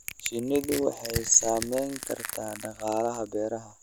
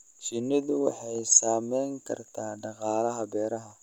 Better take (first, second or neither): second